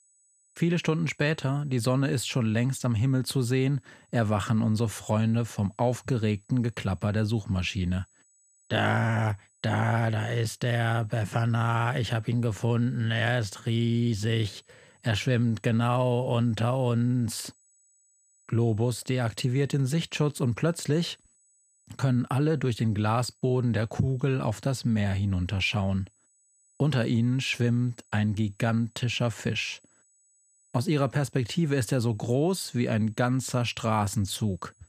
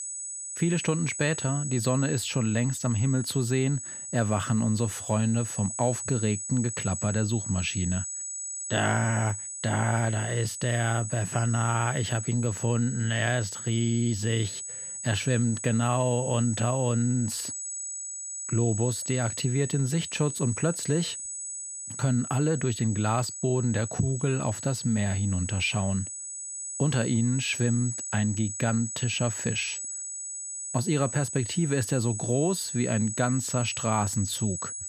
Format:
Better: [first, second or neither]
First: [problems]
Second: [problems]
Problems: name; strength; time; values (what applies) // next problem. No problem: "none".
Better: first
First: high-pitched whine; faint; throughout; 8 kHz, 35 dB below the speech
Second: high-pitched whine; loud; throughout; 8 kHz, 6 dB below the speech